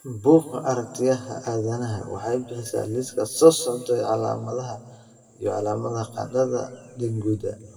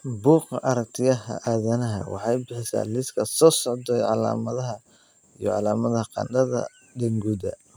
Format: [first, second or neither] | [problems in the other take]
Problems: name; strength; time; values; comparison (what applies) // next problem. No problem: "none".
second | room echo; dies away in 1.2 s